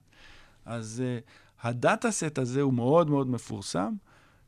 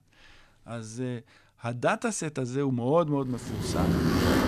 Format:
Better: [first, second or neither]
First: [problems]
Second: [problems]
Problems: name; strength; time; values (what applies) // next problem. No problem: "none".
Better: first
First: none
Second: household noises; very loud; at 3.5 s; 2 dB above the speech